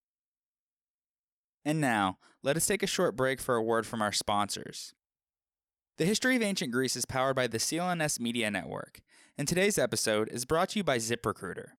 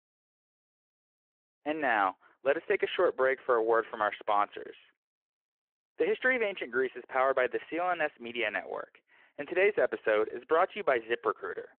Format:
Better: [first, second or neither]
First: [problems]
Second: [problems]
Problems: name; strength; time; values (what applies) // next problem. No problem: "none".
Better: first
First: none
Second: phone-call audio